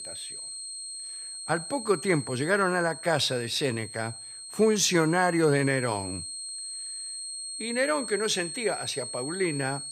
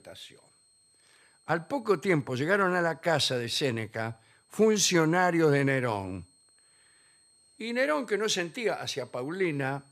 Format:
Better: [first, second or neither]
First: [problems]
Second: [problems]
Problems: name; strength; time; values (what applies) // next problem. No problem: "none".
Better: second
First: high-pitched whine; loud; throughout; 8.5 kHz, 9 dB below the speech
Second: high-pitched whine; faint; throughout; 8.5 kHz, 35 dB below the speech